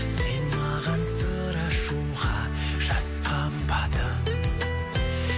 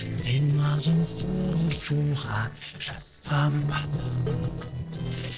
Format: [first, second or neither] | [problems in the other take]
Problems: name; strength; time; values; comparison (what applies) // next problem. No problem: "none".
first | noise reduction (neural separator model SepFormer DNS4)